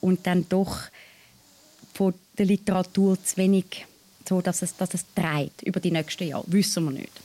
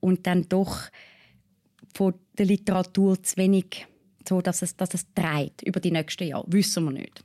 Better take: second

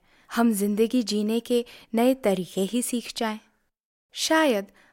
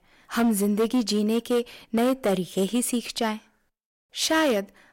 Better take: first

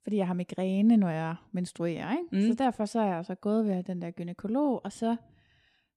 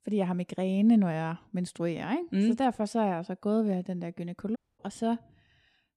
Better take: first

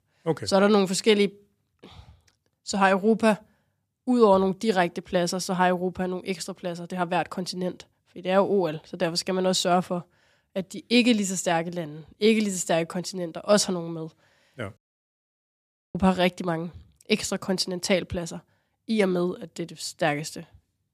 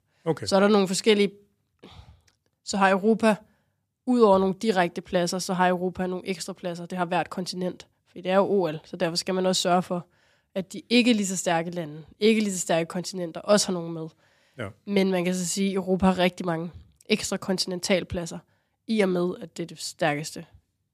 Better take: second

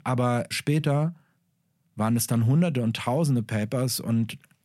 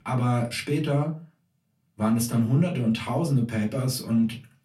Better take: first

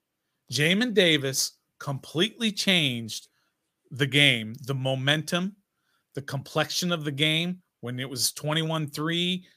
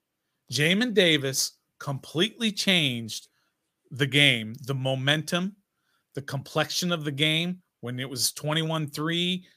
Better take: neither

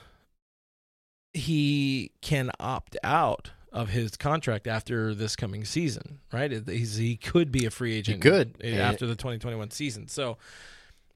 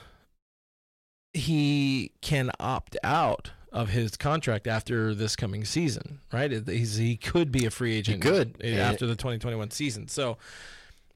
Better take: first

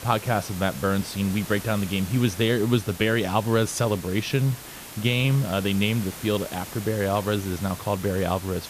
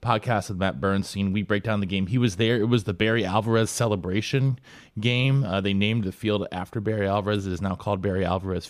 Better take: second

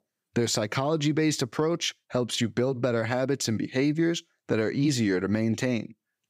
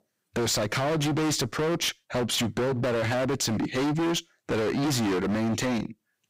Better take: first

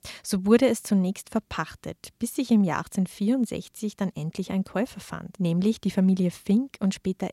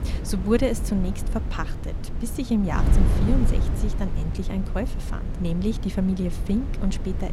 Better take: first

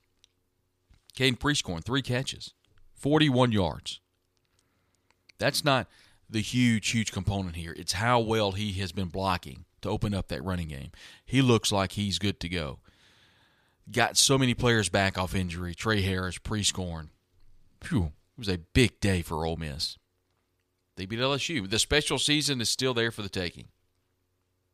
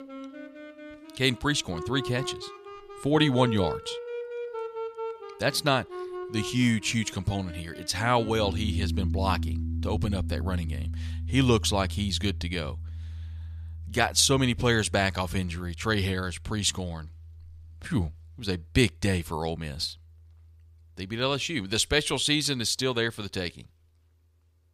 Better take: first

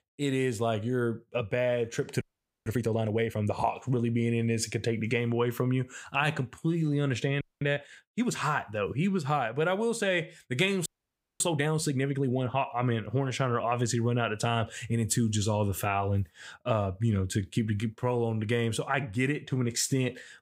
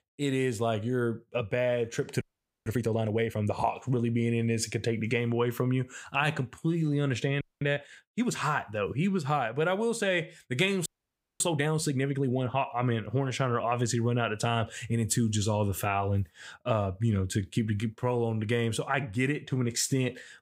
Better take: neither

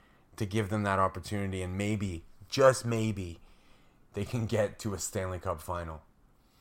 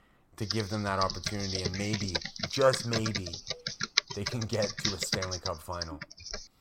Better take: first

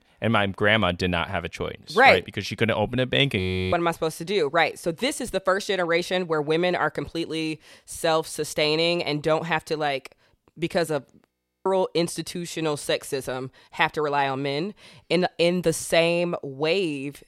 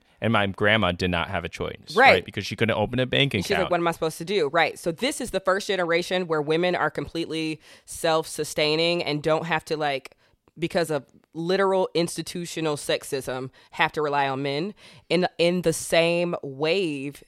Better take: second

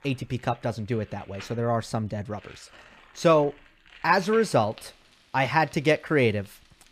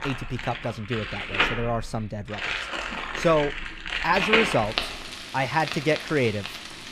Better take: first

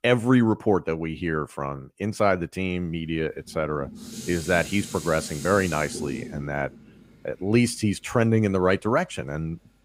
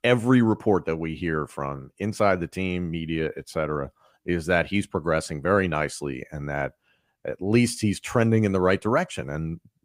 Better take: second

